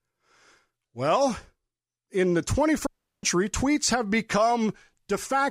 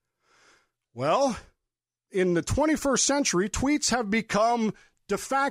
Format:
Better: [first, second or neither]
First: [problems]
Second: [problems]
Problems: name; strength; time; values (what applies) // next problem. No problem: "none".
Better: second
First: audio cutting out; at 3 s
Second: none